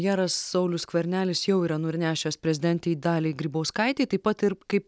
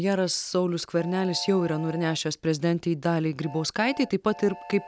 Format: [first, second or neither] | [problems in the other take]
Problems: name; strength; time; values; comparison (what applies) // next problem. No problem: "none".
first | background sound (Train); 19 dB below the speech